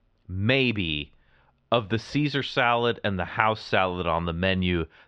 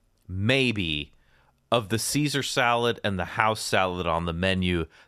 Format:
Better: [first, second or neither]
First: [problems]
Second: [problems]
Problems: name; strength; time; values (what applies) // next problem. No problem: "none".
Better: second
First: muffled; slightly; fading above 4 kHz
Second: none